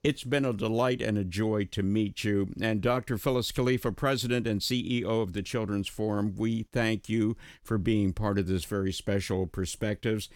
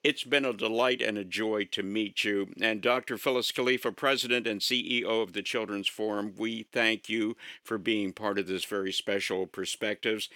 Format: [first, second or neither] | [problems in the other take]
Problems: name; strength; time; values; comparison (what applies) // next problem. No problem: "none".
first | thin; somewhat; fading below 350 Hz